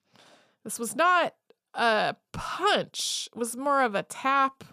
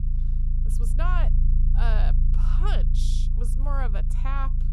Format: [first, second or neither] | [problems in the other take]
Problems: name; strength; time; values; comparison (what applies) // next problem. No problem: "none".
first | low rumble; loud; throughout; 9 dB below the speech